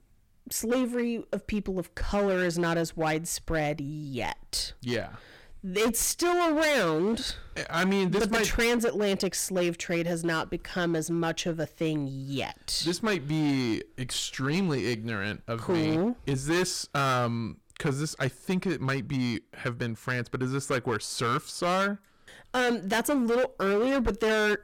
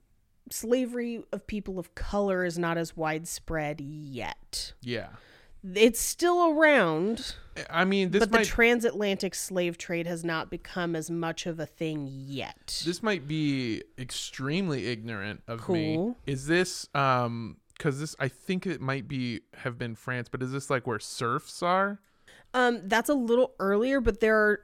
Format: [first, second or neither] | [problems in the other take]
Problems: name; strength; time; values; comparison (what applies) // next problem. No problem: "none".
second | distortion; heavy; 13% of the sound clipped